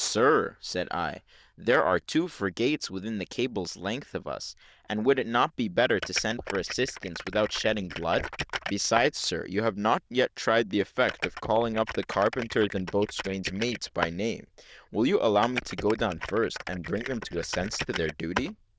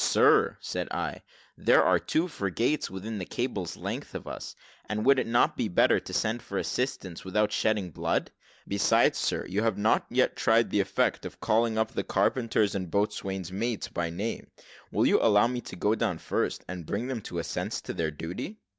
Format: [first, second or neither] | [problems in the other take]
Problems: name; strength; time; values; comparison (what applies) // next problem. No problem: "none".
second | noise reduction (neural diffusion model UNIVERSE++)